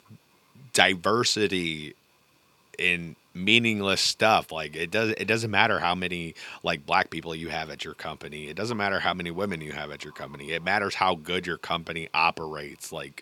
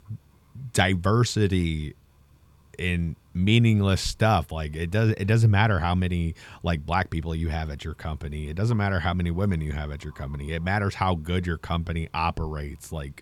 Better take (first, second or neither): second